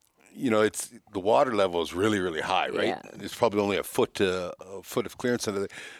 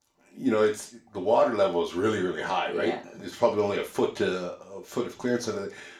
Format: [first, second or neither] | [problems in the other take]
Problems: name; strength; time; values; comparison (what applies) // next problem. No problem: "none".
first | room echo; slight; dies away in 0.3 s // off-mic speech; somewhat distant